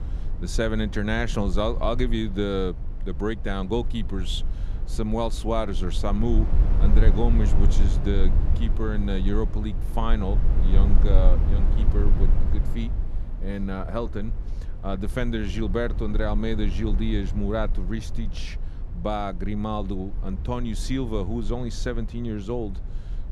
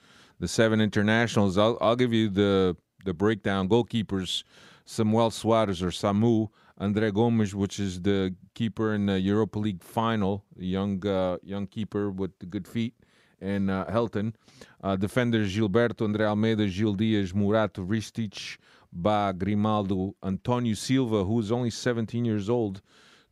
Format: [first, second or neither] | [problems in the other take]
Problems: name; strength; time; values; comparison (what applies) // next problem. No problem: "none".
second | low rumble; noticeable; throughout; 10 dB below the speech